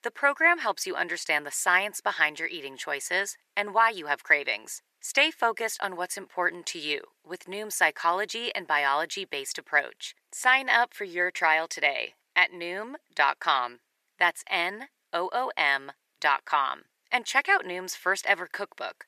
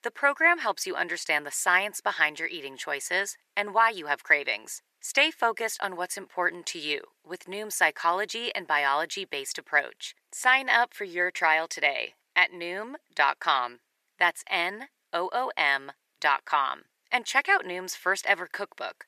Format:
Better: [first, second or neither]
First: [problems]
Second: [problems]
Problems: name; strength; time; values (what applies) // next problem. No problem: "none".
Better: neither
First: thin; very; fading below 400 Hz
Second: thin; very; fading below 400 Hz